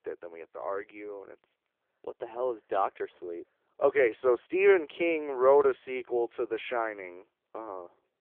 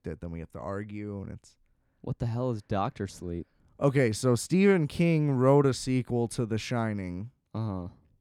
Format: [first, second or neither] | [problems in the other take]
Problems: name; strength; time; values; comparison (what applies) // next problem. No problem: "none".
second | phone-call audio; poor line; nothing above 3.5 kHz